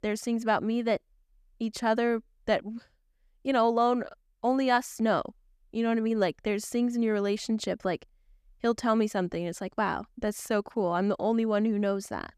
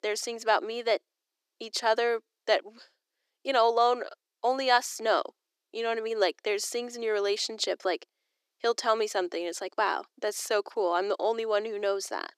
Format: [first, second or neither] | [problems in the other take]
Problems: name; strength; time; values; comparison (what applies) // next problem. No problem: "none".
first | thin; very; fading below 350 Hz